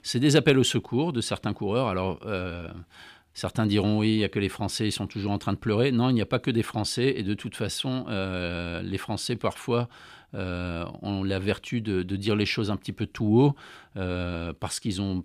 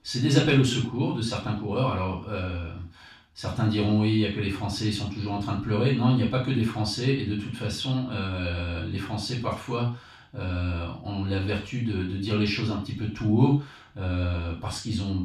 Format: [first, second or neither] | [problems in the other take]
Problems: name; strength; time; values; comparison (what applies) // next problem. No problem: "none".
first | room echo; noticeable; dies away in 0.3 s // off-mic speech; far